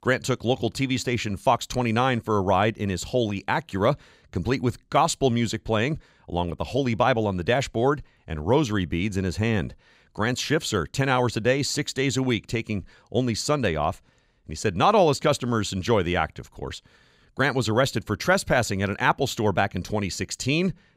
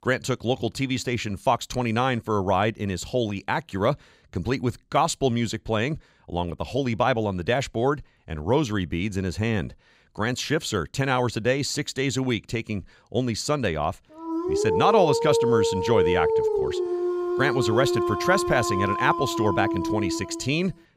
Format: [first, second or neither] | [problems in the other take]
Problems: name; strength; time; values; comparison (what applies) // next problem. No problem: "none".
first | dog barking; loud; from 14 to 20 s; peak 4 dB above the speech